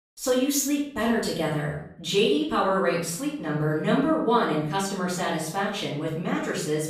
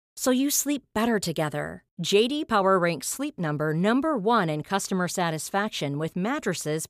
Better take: second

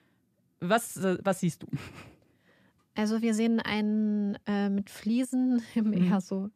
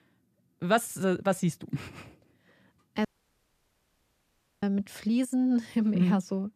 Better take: first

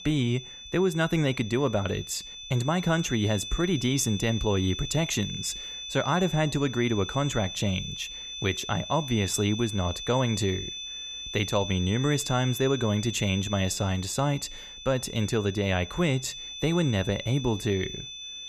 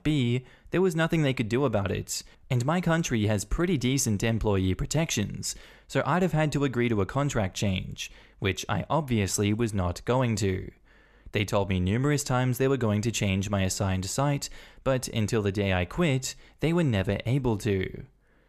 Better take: second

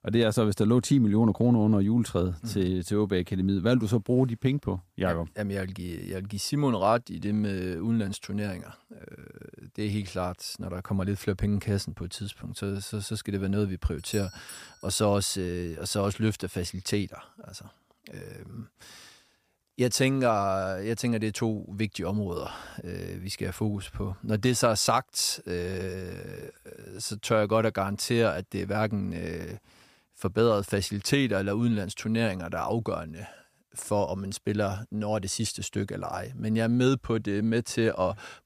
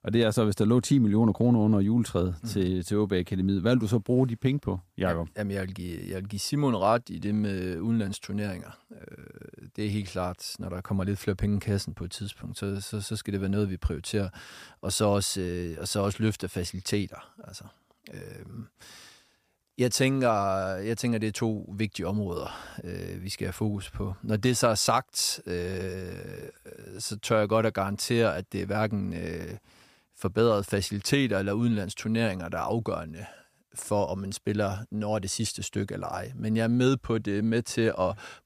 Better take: second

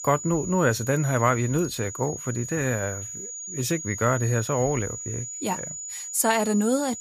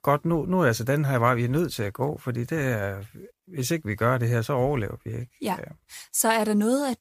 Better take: second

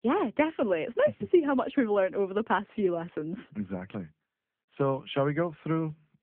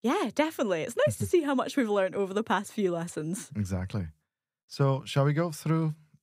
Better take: second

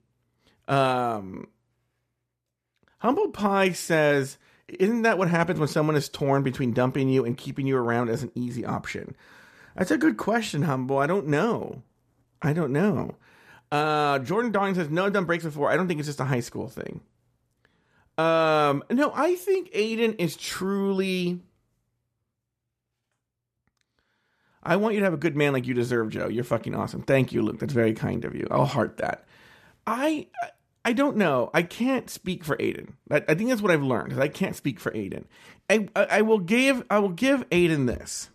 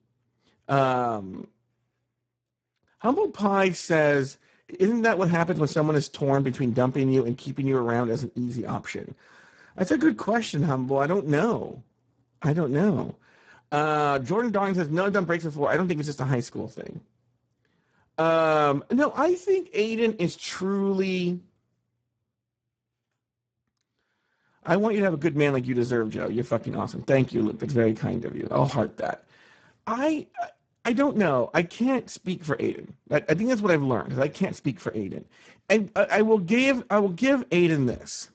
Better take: first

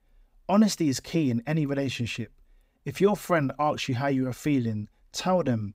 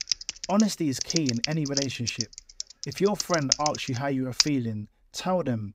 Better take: first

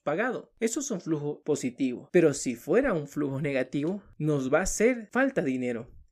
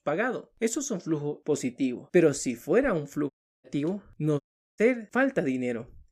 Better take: first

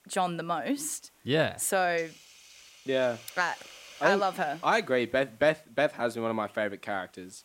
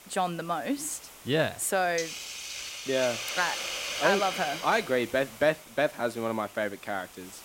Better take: first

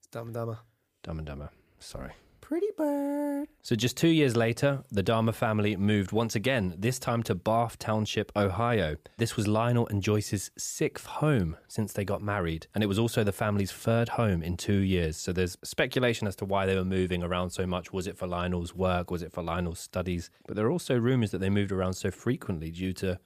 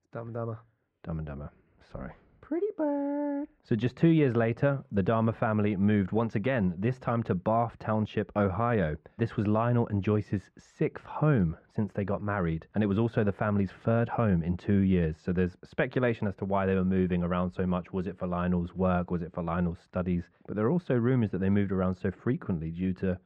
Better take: first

